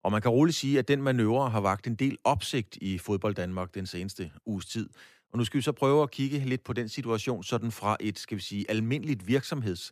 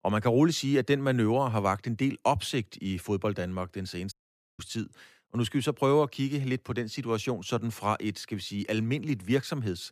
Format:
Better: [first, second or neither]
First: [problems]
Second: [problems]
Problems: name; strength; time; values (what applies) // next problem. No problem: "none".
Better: first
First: none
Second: audio cutting out; at 4 s